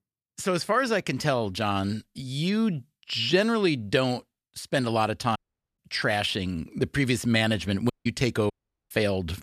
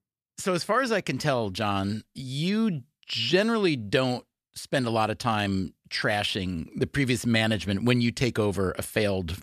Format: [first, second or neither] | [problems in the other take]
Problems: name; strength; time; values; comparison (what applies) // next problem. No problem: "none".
second | audio cutting out; at 5.5 s, at 8 s and at 8.5 s